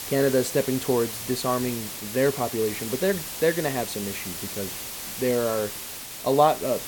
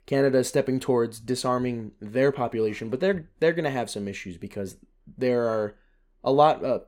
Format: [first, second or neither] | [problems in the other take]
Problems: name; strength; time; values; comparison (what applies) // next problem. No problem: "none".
second | hiss; loud; throughout; 7 dB below the speech